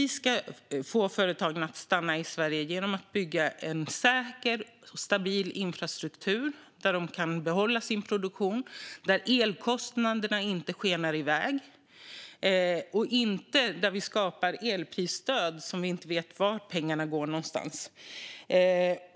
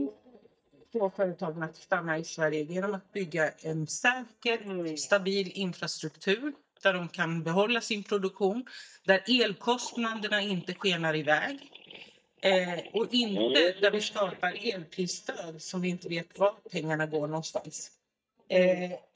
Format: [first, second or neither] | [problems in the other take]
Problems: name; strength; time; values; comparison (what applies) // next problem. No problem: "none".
first | noise reduction (neural mask model DeepFilterNet 3)